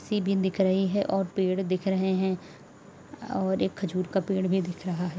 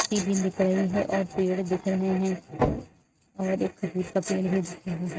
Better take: first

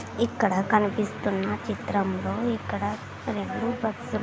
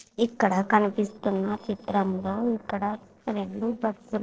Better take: first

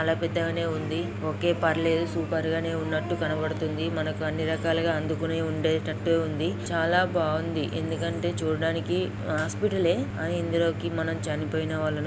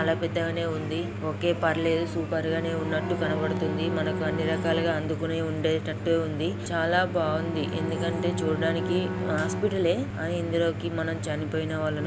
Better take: first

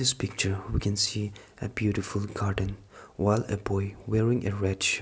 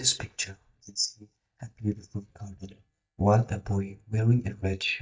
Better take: first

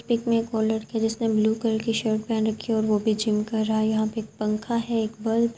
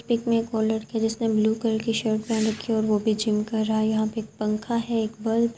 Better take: first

